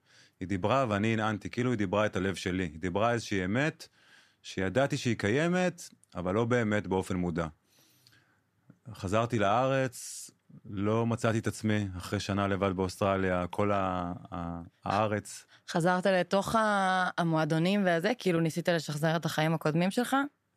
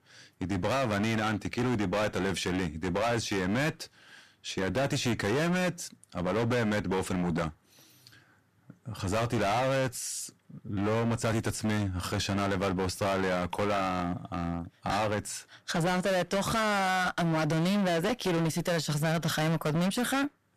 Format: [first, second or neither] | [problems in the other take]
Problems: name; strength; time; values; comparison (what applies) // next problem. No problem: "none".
first | distortion; heavy; 23% of the sound clipped